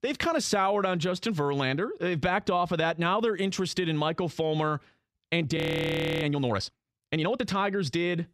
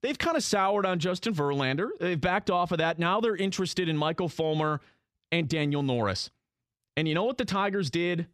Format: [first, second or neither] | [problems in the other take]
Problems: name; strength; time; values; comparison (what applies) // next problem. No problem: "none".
second | audio freezing; at 5.5 s for 0.5 s